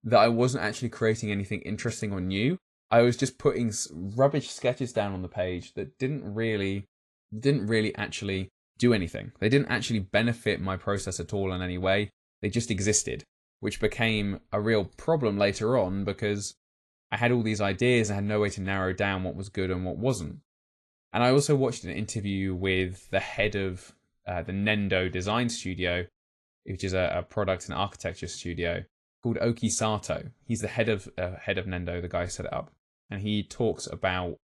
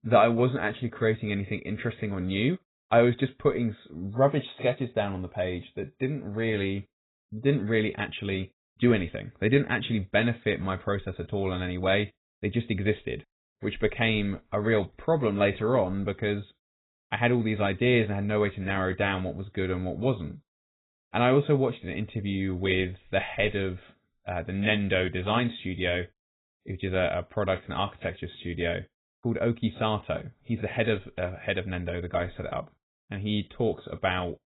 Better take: first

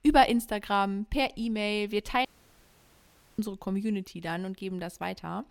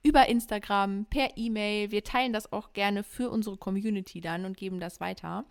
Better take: second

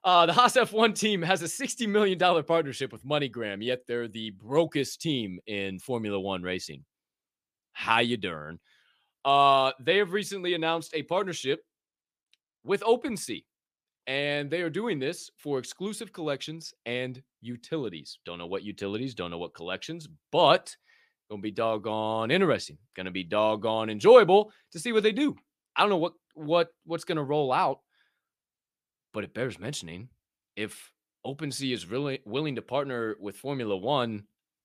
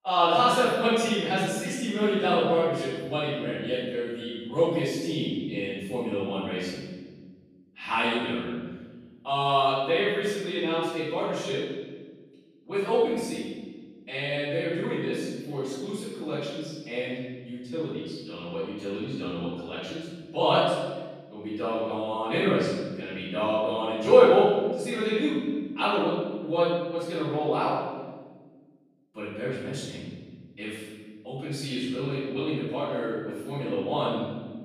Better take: first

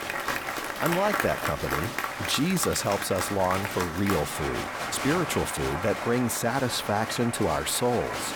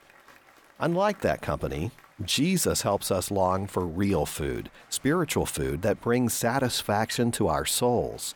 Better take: second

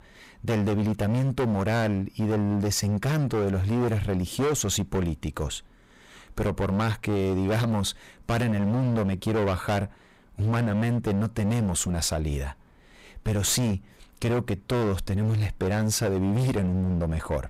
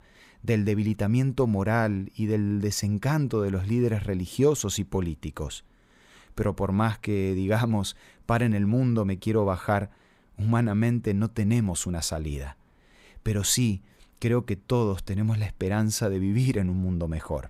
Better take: second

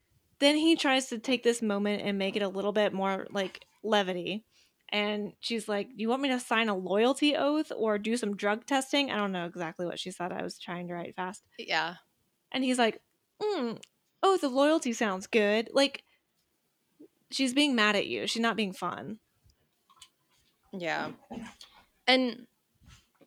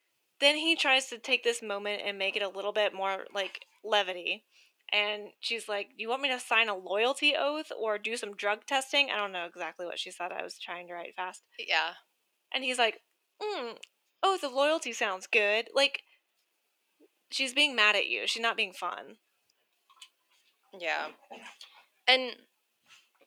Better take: first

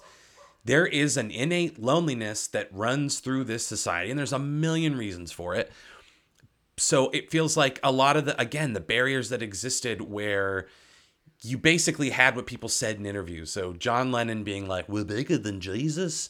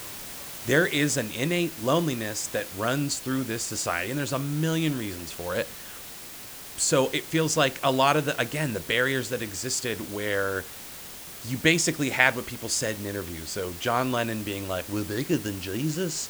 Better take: first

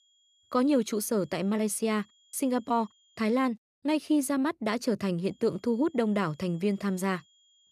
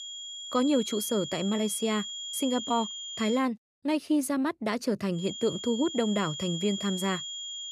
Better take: first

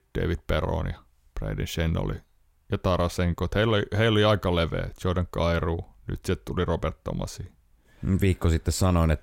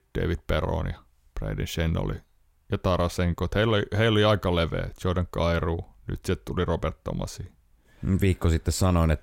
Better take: neither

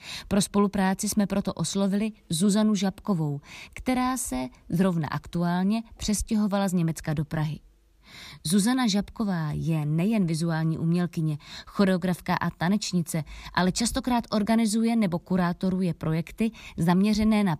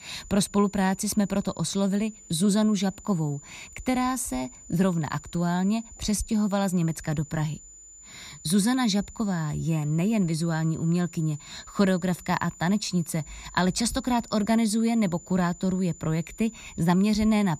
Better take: first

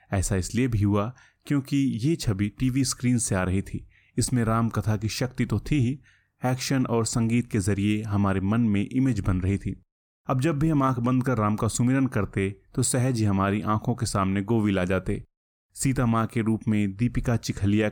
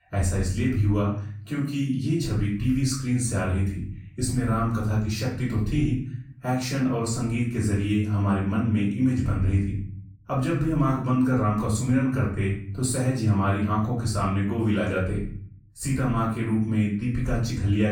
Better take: first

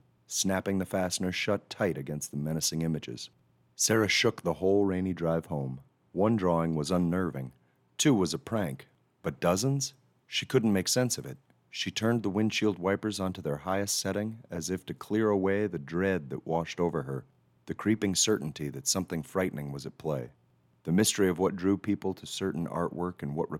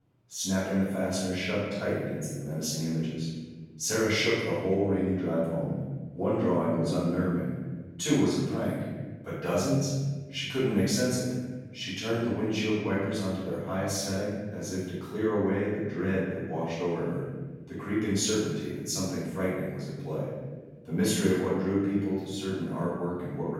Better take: first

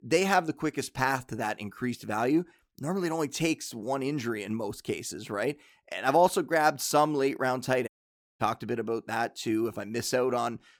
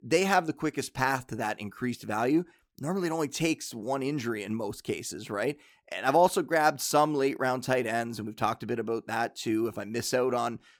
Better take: second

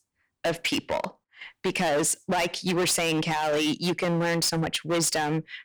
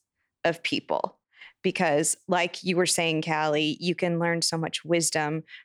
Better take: second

